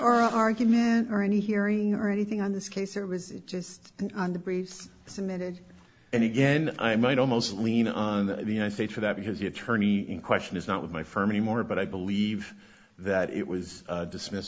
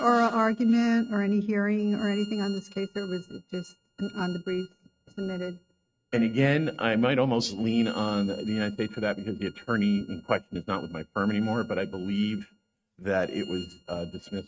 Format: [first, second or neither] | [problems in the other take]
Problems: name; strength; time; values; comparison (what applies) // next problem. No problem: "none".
first | noise reduction (neural mask model RNNoise)